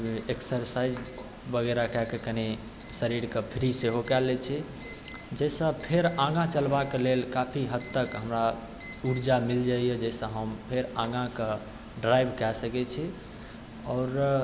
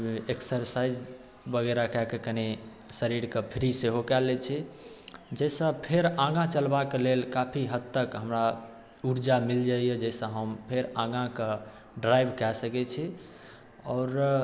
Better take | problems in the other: second | background sound (Alarm); 15 dB below the speech

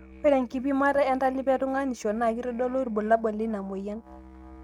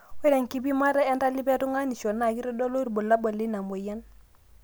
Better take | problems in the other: second | noise reduction (neural mask model RNNoise)

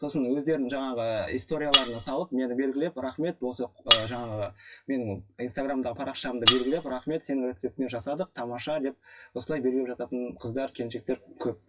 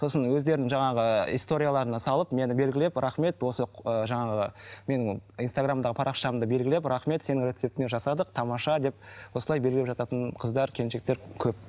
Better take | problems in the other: second | noise reduction (classical method WPE with log-MMSE)

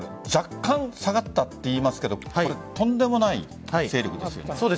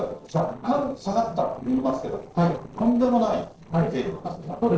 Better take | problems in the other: first | noise reduction (neural separator model SepFormer DNS4)

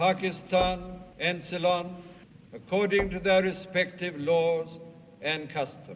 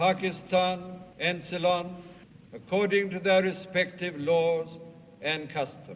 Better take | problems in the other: second | background sound (Knock / Wood / Percussion); 15 dB below the speech

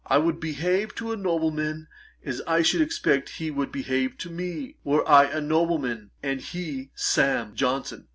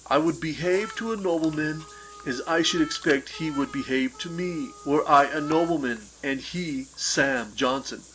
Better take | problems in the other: first | background sound (Harmonica + Bathtub (filling or washing) / Water); 18 dB below the speech

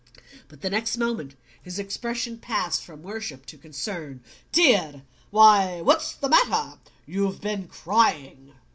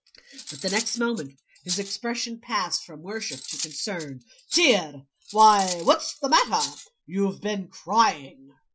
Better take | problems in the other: first | noise reduction (classical method Wiener filter)

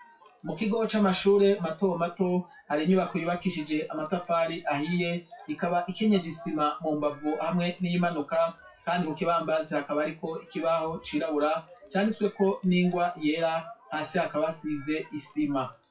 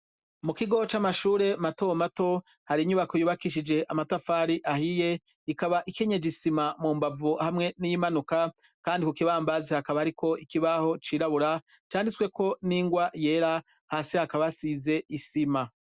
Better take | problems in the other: second | noise reduction (classical method WPE with log-MMSE)

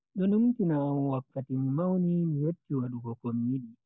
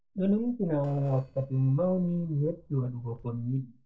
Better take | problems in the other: first | noise reduction (neural separator model SepFormer DNS4)

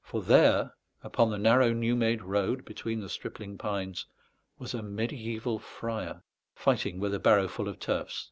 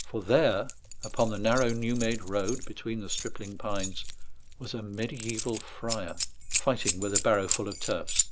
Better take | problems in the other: first | background sound (Keys jangling); 2 dB below the speech

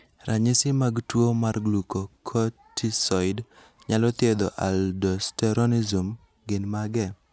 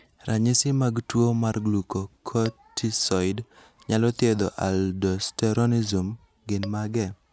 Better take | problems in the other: first | background sound (Tap / Glass); 17 dB below the speech

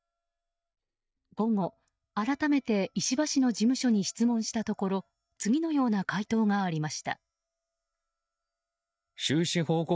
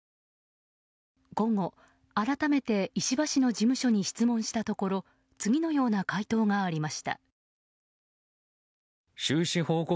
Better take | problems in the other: second | noise reduction (neural mask model DeepFilterNet 3)

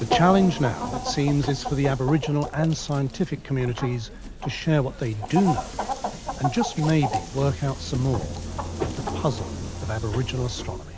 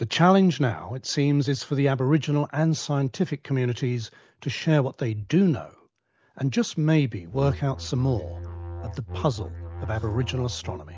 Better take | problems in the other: second | background sound (Chicken, rooster + Subway, metro, underground); 7 dB below the speech

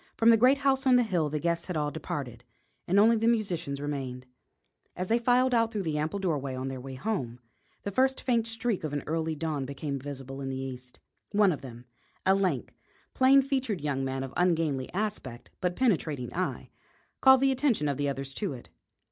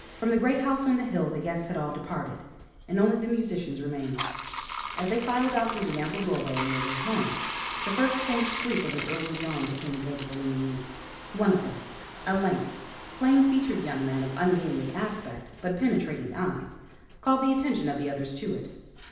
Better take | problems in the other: first | background sound (Bathtub (filling or washing)); 10 dB below the speech // room echo; dies away in 0.9 s

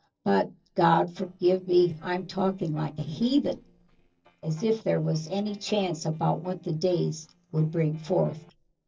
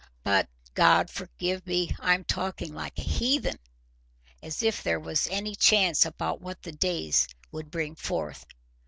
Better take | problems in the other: second | noise reduction (neural separator model SepFormer DNS4)

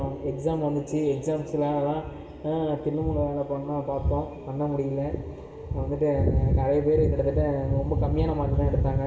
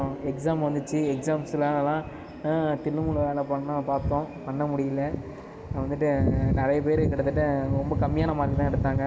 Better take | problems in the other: second | room echo; dies away in 0.6 s

